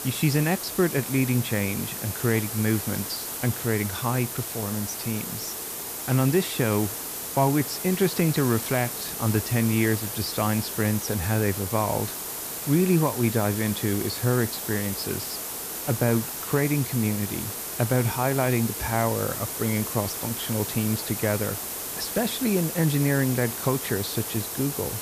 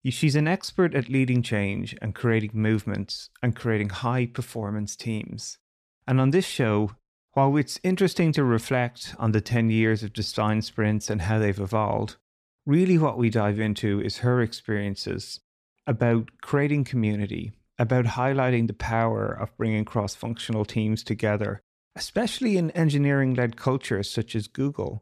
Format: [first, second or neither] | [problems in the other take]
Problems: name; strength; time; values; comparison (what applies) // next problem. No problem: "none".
second | hiss; loud; throughout; 5 dB below the speech